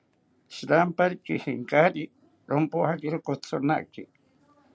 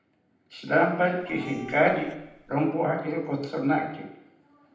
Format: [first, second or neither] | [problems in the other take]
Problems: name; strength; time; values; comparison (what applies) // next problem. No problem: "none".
first | background sound (Cat); 18 dB below the speech // room echo; dies away in 0.8 s